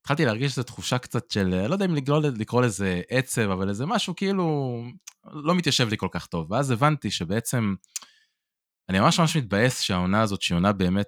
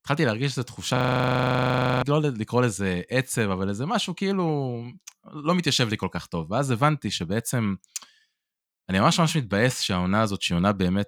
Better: first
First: none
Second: audio freezing; at 1 s for 1 s

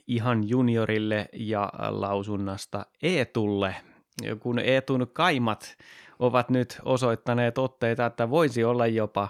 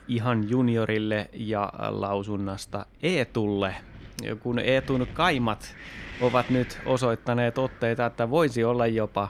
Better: first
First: none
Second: wind noise on the microphone; occasional gusts; 15 dB below the speech

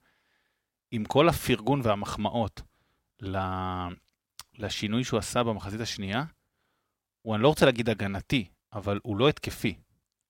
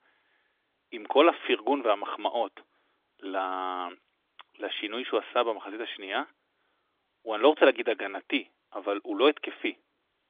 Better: first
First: none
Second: phone-call audio; nothing above 3.5 kHz

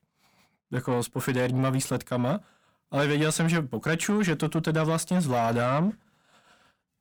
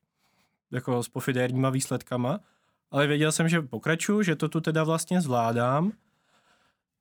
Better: second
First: distortion; slight; 10 dB below the speech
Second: none

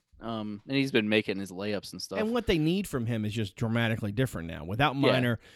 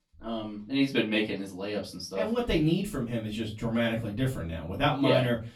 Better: first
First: none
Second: off-mic speech; far // room echo; very slight; dies away in 0.2 s

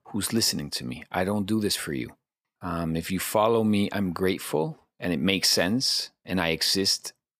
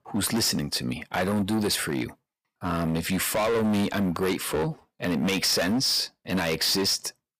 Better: first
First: none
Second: distortion; heavy; 18% of the sound clipped

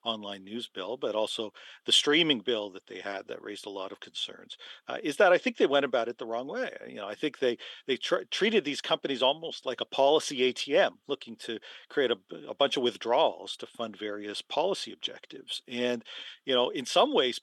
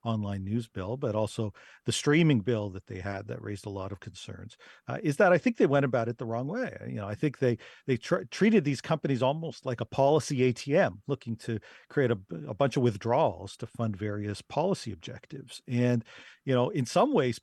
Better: second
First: thin; somewhat; fading below 300 Hz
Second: none

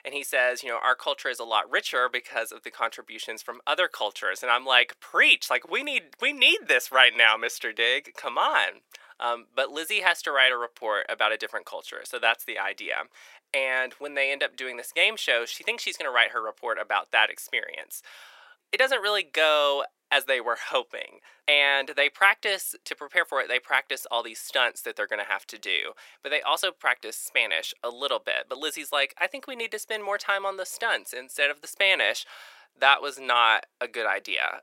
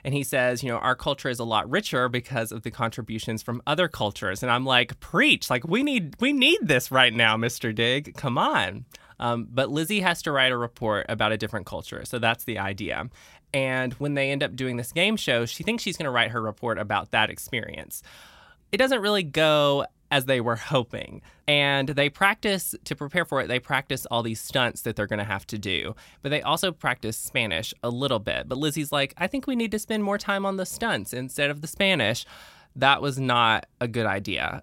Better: second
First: thin; very; fading below 400 Hz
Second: none

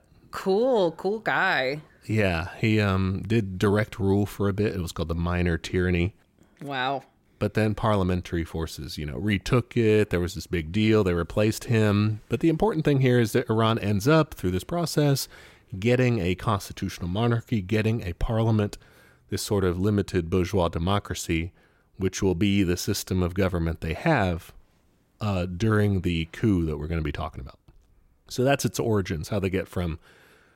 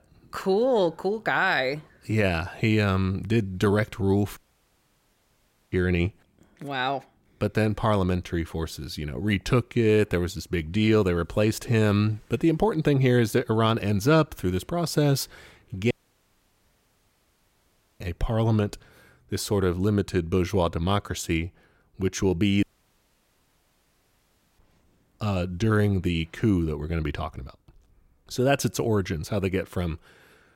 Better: first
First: none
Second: audio cutting out; at 4.5 s for 1.5 s, at 16 s for 2 s and at 23 s for 2 s

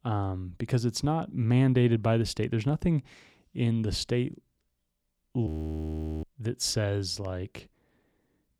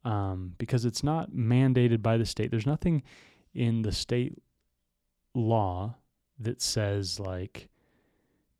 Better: second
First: audio freezing; at 5.5 s for 1 s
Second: none

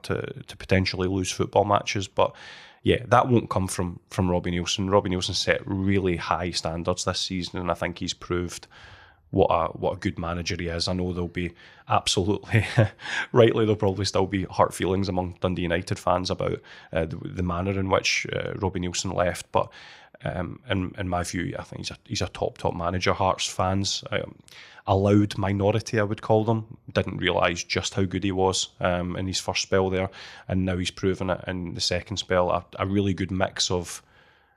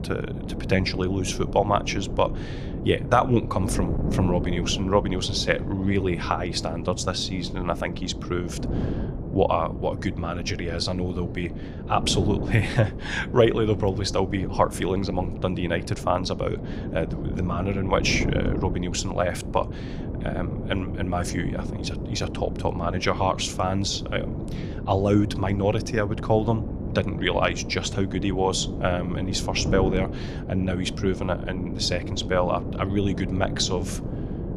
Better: first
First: none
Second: wind noise on the microphone; occasional gusts; 10 dB below the speech

